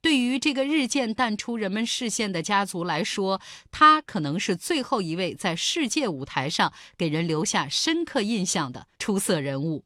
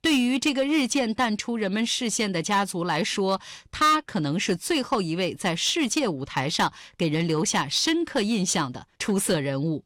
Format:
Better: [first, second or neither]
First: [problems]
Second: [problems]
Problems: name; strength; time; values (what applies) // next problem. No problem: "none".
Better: first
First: none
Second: distortion; slight; 4% of the sound clipped